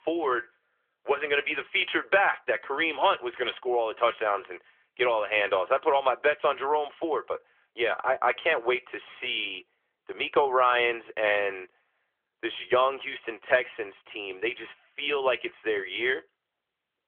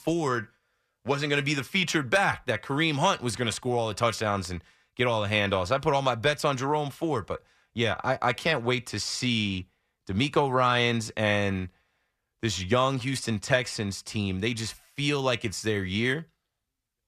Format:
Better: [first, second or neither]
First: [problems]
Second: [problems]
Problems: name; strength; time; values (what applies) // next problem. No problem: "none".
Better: second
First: phone-call audio; nothing above 3.5 kHz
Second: none